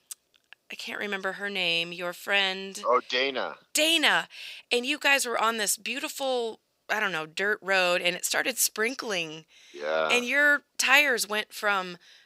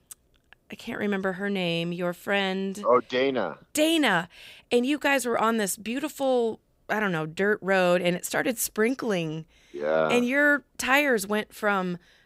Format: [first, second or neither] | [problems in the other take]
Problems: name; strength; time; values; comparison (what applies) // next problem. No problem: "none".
second | thin; somewhat; fading below 900 Hz